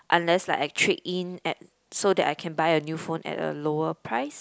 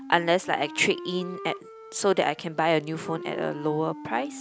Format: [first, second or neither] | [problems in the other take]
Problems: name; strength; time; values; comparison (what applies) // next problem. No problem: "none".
first | background sound (Wind instrument, woodwind instrument); 14 dB below the speech